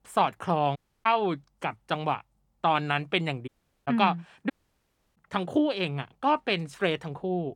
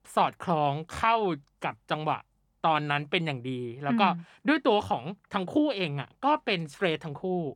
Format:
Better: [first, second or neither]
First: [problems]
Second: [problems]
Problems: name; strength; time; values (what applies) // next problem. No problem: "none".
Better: second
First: audio cutting out; at 1 s, at 3.5 s and at 4.5 s for 0.5 s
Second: none